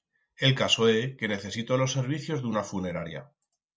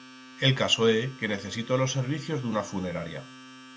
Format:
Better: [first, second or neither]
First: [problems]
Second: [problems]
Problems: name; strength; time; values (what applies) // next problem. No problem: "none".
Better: first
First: none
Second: background sound (Domestic sounds, home sounds); 19 dB below the speech